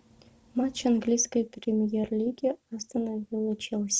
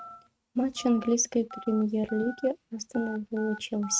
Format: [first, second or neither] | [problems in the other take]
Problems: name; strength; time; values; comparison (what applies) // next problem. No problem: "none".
first | noise reduction (neural mask model RNNoise)